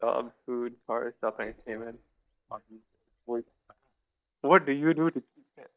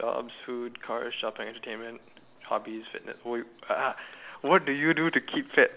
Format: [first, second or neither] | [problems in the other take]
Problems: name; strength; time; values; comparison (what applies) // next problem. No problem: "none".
second | noise reduction (neural mask model DeepFilterNet 3)